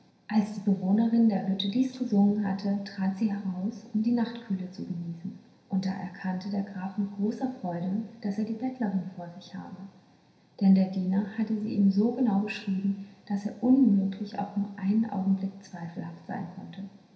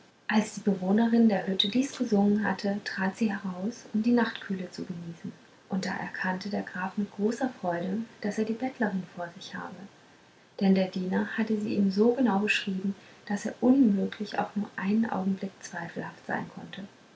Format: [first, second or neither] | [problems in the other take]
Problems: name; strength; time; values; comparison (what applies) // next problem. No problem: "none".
second | room echo; dies away in 0.9 s